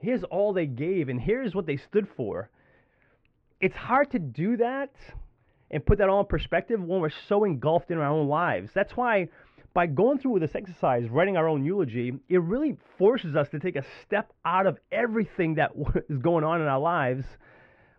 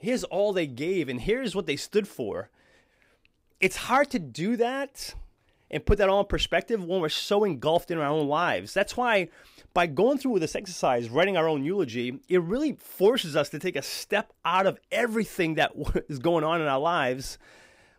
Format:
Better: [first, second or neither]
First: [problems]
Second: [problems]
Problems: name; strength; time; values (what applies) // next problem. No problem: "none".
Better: second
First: muffled; very; fading above 2 kHz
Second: none